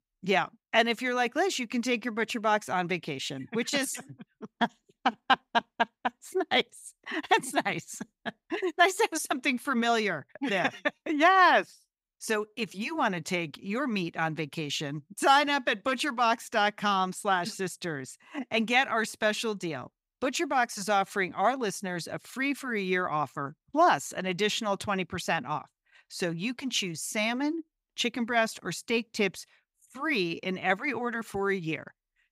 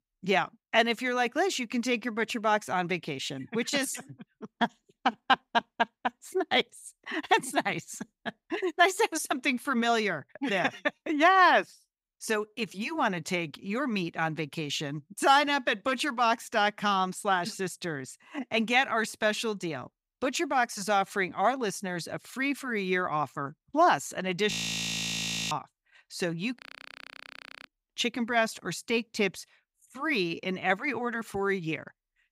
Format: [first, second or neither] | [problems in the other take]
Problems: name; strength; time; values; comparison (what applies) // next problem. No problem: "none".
first | audio freezing; at 25 s for 1 s and at 27 s for 1 s